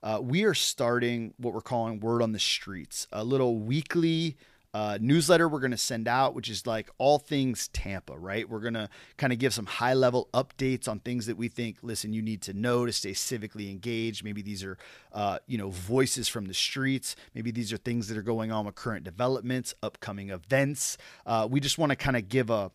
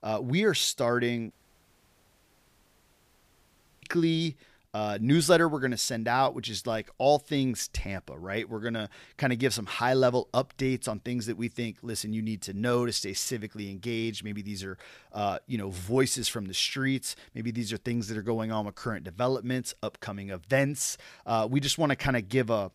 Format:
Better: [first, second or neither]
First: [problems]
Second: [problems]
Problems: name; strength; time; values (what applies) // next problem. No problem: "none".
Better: first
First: none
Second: audio cutting out; at 1.5 s for 2.5 s